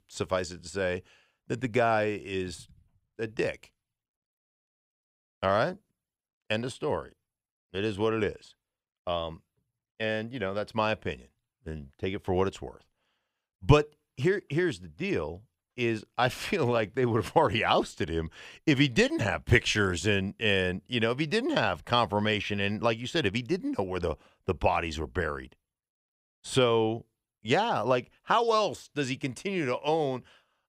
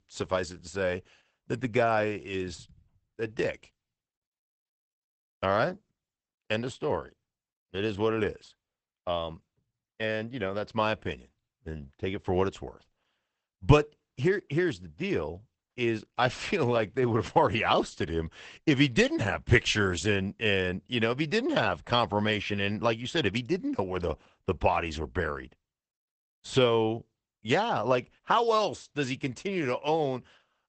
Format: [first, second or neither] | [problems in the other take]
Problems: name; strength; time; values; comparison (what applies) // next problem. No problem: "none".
first | garbled, watery; badly; nothing above 8 kHz